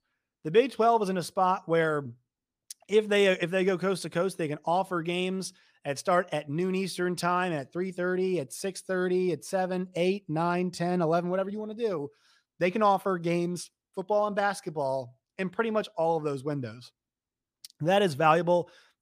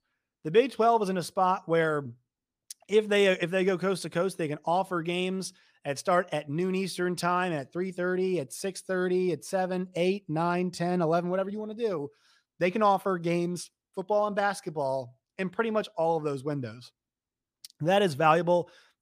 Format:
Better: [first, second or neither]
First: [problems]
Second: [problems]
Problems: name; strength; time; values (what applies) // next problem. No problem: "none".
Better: neither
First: none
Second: none